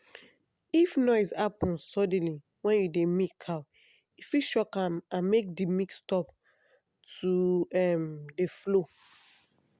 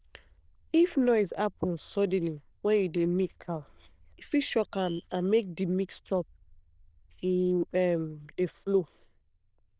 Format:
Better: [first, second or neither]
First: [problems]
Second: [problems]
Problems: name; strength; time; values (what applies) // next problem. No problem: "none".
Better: first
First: none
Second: noise reduction (neural diffusion model UNIVERSE++)